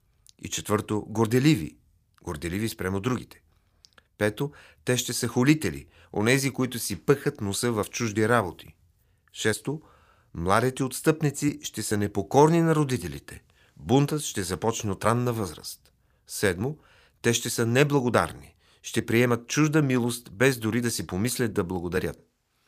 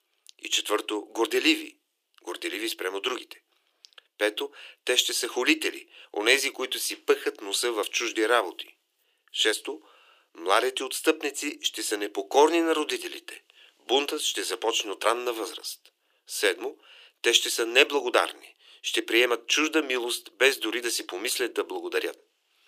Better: first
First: none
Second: thin; very; fading below 350 Hz

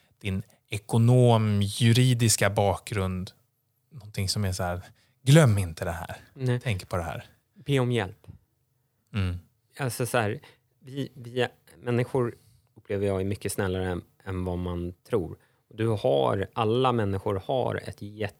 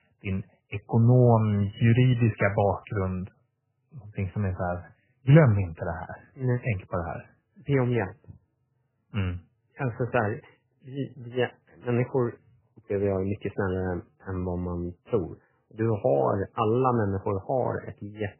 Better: first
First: none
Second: garbled, watery; badly; nothing above 3 kHz

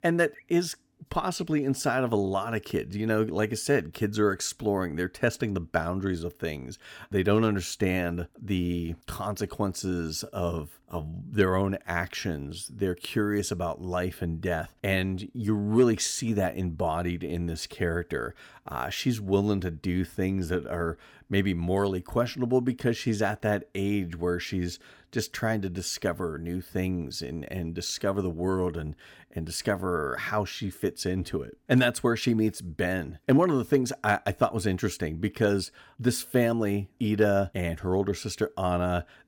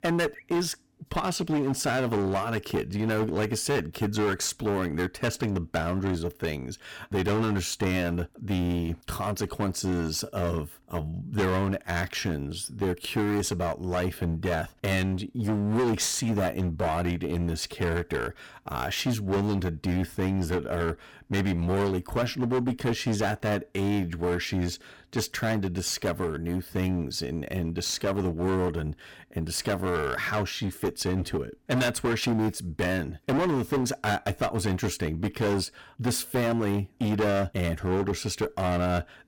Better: first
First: none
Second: distortion; heavy; 16% of the sound clipped

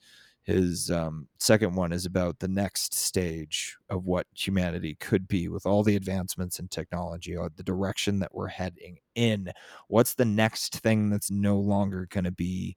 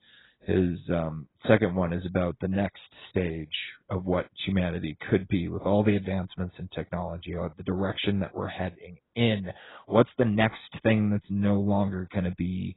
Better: first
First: none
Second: garbled, watery; badly; nothing above 4 kHz

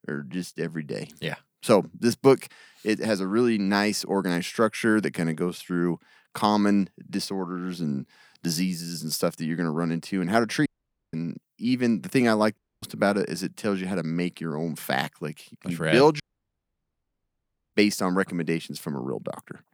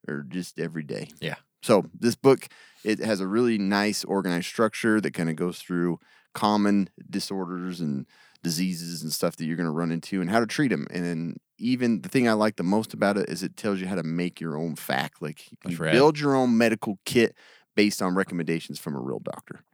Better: second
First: audio cutting out; at 11 s, at 13 s and at 16 s for 1.5 s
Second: none

